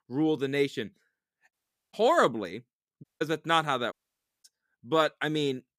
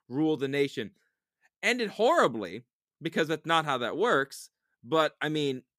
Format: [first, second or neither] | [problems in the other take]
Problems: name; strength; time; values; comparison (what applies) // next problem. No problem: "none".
second | audio cutting out; at 1.5 s, at 3 s and at 4 s for 0.5 s